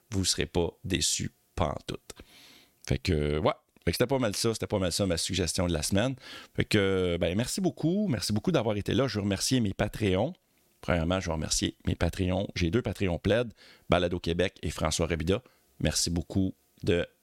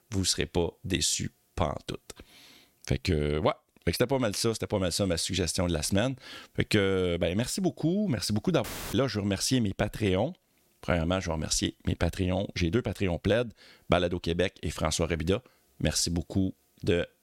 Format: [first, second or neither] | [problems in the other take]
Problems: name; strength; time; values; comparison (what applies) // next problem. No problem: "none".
first | audio cutting out; filled with static; at 8.5 s